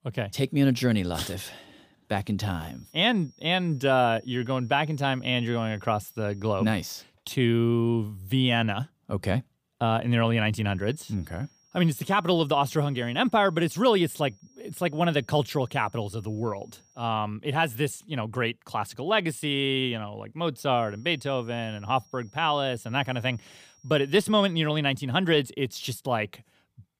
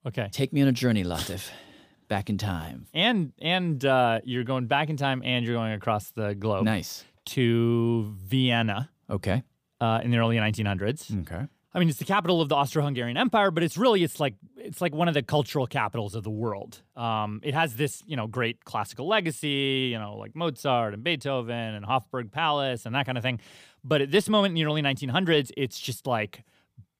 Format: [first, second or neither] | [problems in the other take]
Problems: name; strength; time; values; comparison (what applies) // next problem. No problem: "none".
second | high-pitched whine; faint; from 2.5 to 7 s, from 11 to 17 s and from 21 to 25 s; 5.5 kHz, 35 dB below the speech